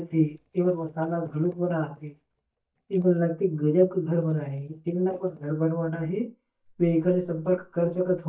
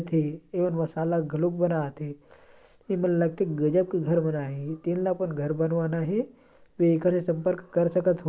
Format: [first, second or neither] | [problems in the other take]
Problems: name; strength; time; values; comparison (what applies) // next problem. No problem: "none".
second | noise reduction (neural mask model DeepFilterNet 3)